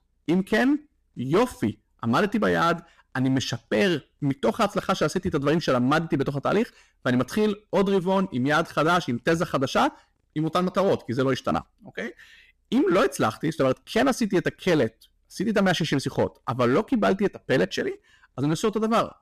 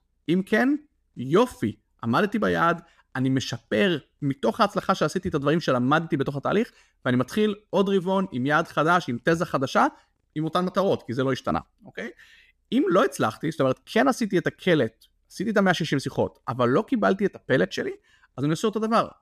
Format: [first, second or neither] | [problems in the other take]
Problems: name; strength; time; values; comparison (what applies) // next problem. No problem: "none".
second | distortion; slight; 7% of the sound clipped